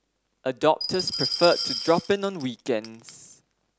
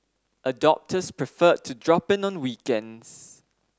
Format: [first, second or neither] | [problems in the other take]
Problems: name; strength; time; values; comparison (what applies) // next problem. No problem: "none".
second | background sound (Glass); 6 dB below the speech